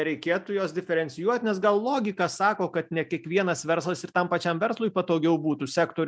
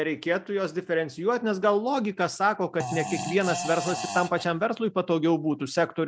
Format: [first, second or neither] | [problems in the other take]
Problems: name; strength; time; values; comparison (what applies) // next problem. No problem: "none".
first | background sound (Fart); 7 dB below the speech